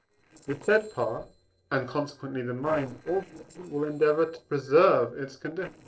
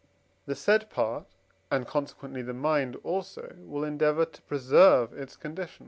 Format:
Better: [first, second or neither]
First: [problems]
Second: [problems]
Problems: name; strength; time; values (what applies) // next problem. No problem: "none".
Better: second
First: noise reduction (neural separator model SepFormer DNS4)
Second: none